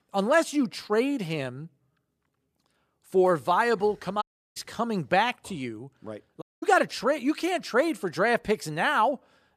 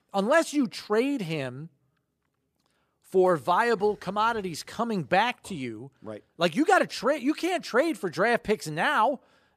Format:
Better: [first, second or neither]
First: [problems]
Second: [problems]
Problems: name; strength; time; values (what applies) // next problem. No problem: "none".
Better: second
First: audio cutting out; at 4 s and at 6.5 s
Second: none